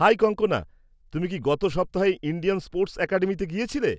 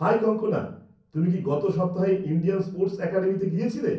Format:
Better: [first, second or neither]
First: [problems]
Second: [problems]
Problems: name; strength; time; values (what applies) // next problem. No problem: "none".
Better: first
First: none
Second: room echo; dies away in 0.6 s